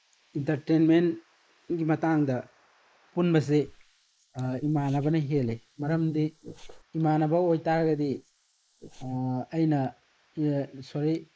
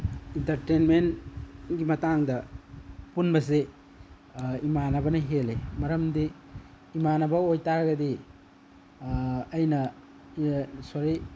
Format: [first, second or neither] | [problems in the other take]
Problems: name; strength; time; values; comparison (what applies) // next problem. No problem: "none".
second | noise reduction (neural mask model Resemble Enhance denoiser)